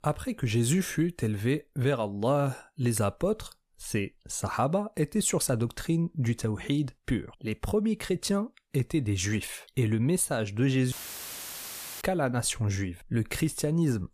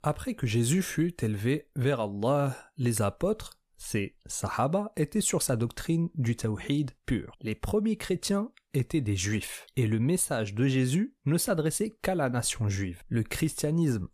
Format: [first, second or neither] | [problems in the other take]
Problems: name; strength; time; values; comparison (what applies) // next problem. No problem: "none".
second | audio cutting out; filled with static; at 11 s for 1 s